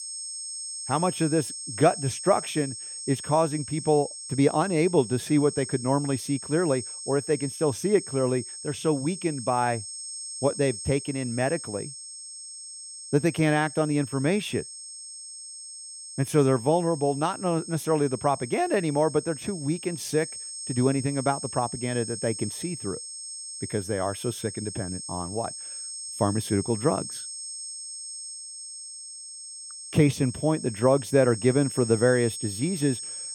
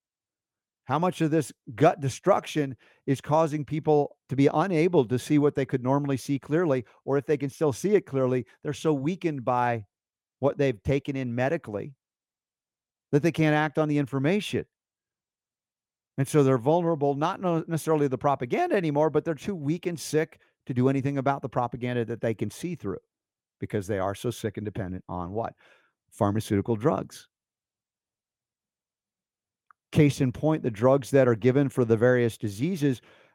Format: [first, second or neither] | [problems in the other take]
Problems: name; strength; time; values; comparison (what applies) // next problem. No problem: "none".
second | high-pitched whine; loud; throughout; 8.5 kHz, 9 dB below the speech